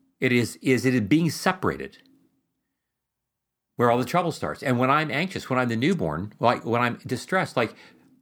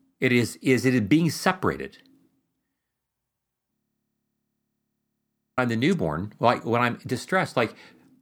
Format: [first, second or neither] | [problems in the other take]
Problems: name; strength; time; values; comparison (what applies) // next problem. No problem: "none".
first | audio freezing; at 4 s for 2 s